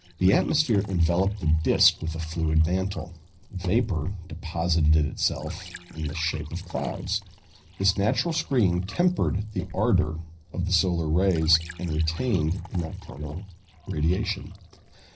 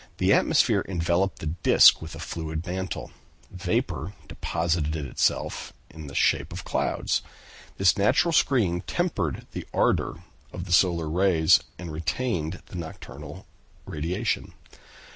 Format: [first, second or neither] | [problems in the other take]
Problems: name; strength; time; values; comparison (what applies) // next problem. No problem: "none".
second | noise reduction (neural separator model SepFormer DNS4)